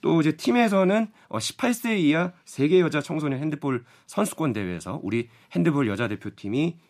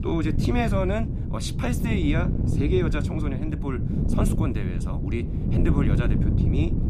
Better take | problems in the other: first | wind noise on the microphone; heavy; 4 dB below the speech

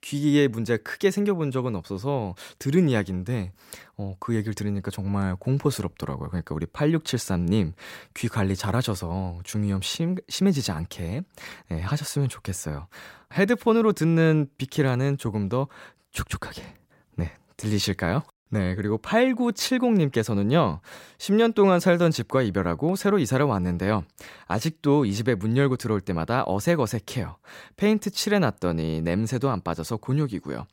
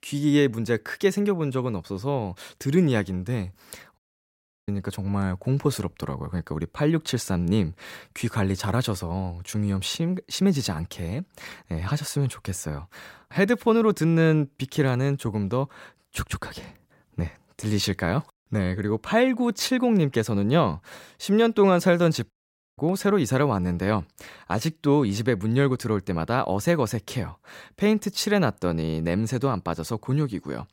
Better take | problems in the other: first | audio cutting out; at 4 s for 0.5 s and at 22 s

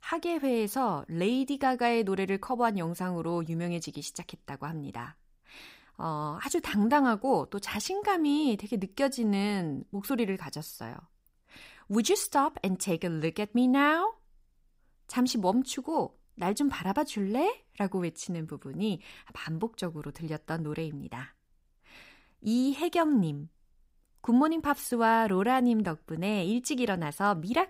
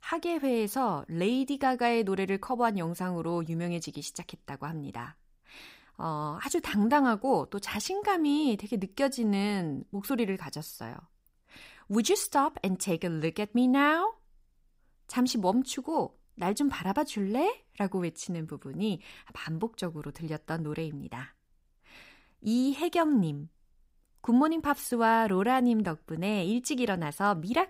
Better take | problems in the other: neither | none

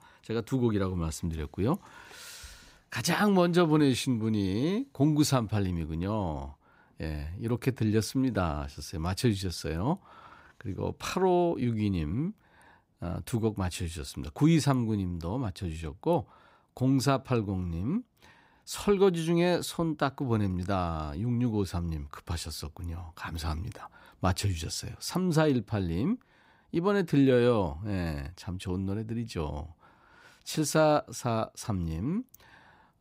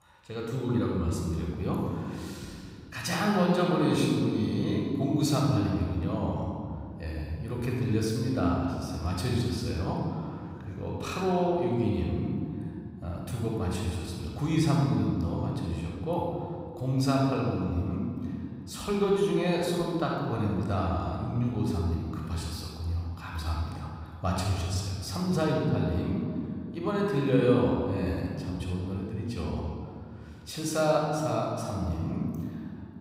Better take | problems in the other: first | off-mic speech; somewhat distant // room echo; strong; dies away in 2 s

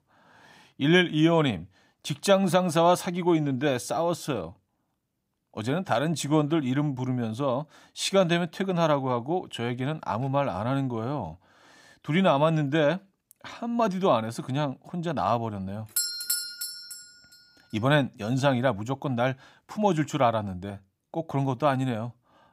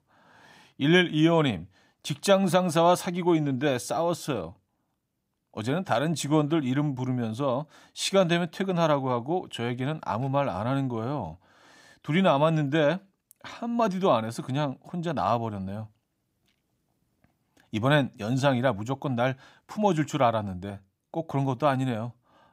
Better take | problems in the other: second | doorbell; loud; at 16 s; peak 1 dB above the speech

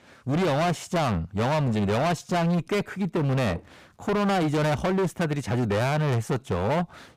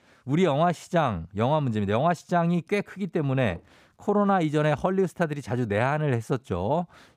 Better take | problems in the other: second | distortion; heavy; 29% of the sound clipped

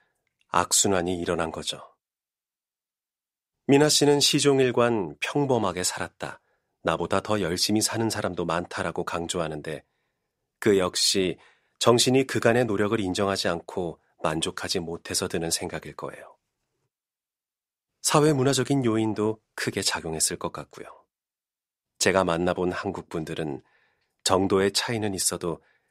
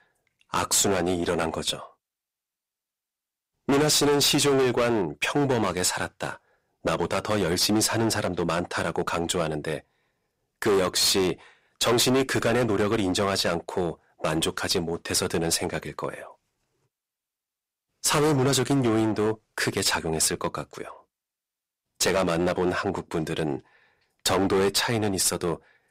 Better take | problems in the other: first | distortion; heavy; 10% of the sound clipped

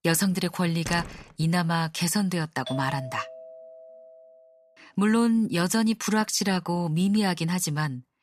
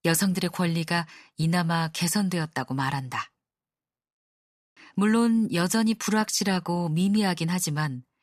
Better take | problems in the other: second | door banging; faint; at 1 s; peak 10 dB below the speech // doorbell; faint; from 2.5 to 4.5 s; peak 10 dB below the speech

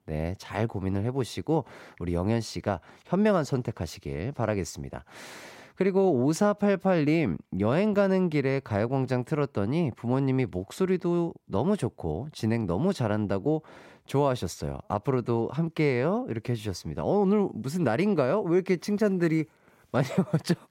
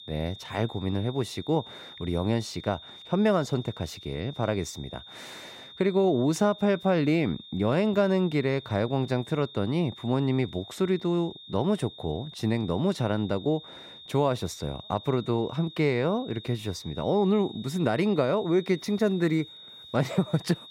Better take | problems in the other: first | high-pitched whine; noticeable; throughout; 3.5 kHz, 15 dB below the speech

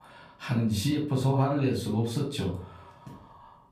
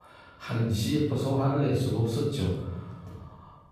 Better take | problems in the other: first | room echo; strong; dies away in 1.1 s; slight in the first // off-mic speech; far; far in the first

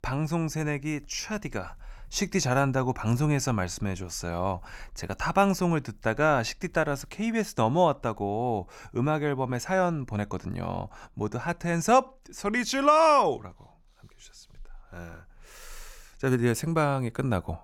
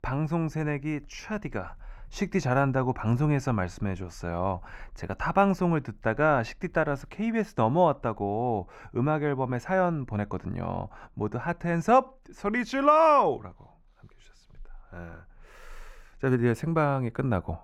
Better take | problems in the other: first | muffled; slightly; fading above 3.5 kHz

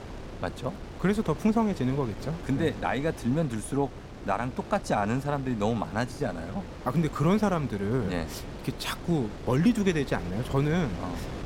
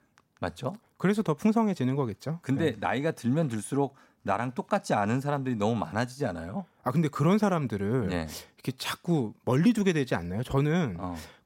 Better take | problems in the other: second | wind noise on the microphone; occasional gusts; 15 dB below the speech

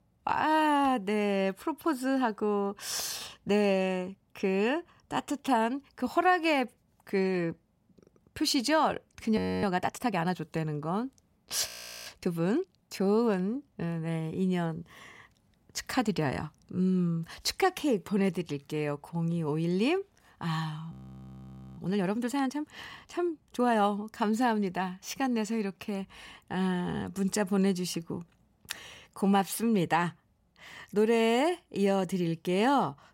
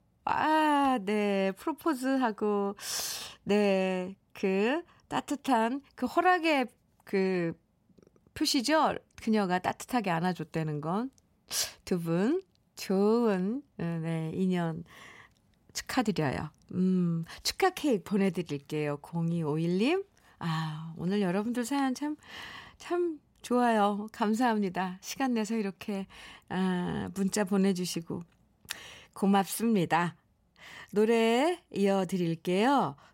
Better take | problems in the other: second | audio freezing; at 9.5 s, at 12 s and at 21 s for 1 s

